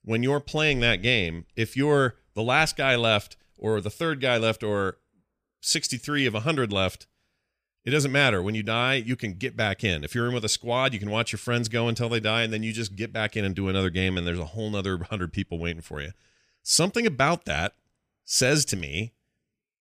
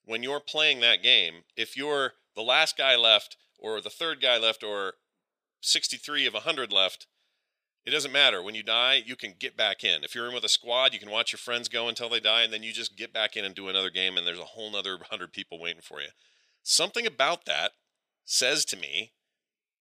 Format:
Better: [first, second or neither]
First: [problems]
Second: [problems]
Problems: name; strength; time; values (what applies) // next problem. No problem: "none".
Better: first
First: none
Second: thin; very; fading below 450 Hz